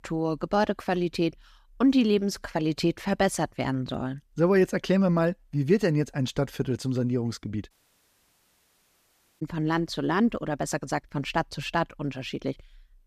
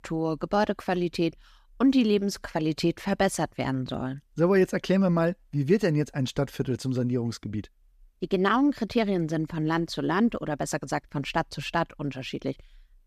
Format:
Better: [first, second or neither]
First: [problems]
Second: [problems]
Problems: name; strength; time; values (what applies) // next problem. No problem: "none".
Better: second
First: audio cutting out; at 7.5 s for 1.5 s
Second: none